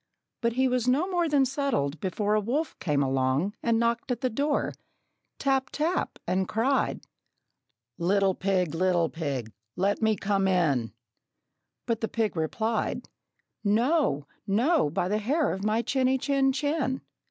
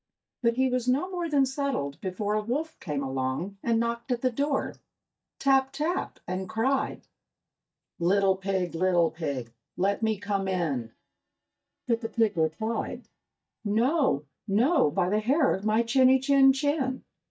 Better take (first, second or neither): first